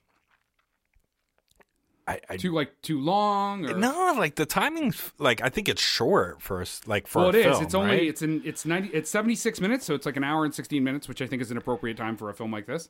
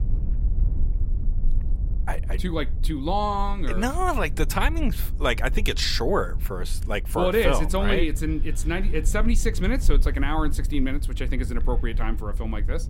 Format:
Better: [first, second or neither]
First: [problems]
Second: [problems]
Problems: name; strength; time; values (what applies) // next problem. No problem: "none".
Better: first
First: none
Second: low rumble; faint; throughout; 20 dB below the speech